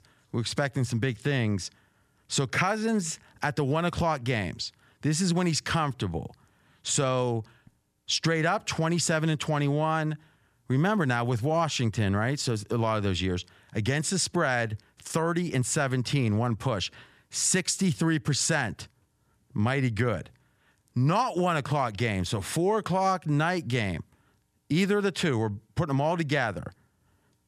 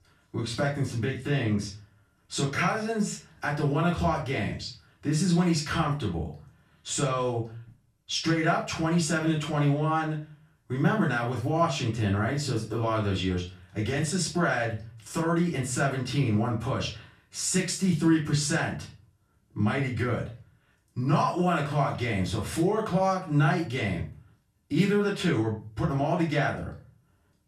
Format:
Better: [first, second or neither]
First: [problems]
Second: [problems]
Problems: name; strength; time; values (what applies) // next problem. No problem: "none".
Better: first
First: none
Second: off-mic speech; far // room echo; slight; dies away in 0.3 s